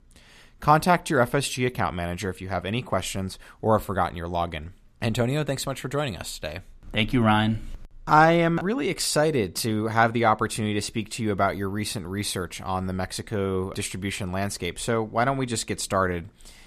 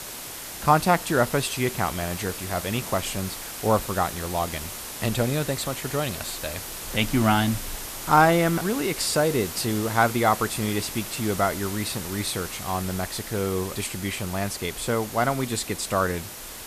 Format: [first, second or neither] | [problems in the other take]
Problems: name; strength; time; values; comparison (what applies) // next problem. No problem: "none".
first | hiss; loud; throughout; 8 dB below the speech